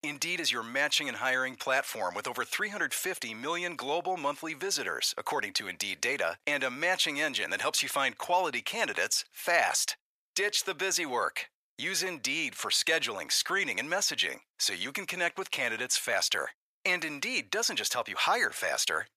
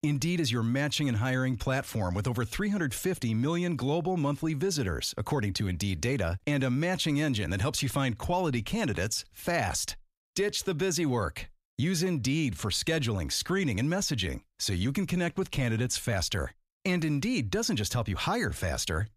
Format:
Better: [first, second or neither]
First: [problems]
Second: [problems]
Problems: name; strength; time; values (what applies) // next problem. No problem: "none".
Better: second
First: thin; very; fading below 700 Hz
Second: none